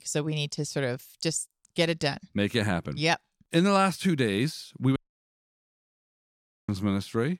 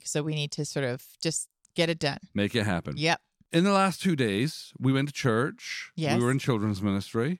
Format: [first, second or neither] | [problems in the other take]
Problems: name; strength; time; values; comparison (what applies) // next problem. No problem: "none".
second | audio cutting out; at 5 s for 1.5 s